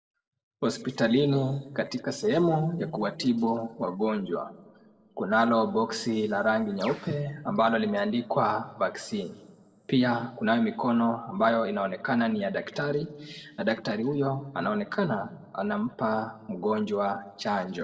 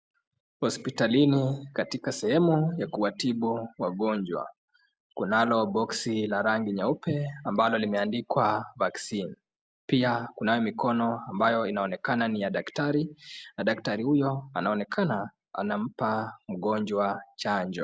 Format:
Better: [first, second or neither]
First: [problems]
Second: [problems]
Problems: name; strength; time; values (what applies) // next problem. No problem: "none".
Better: second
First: noise reduction (neural separator model SepFormer DNS4)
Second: none